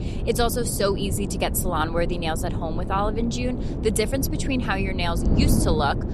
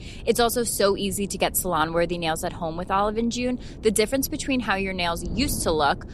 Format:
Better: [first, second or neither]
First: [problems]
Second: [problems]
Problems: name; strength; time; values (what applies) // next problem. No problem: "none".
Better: second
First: wind noise on the microphone; heavy; 9 dB below the speech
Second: wind noise on the microphone; occasional gusts; 20 dB below the speech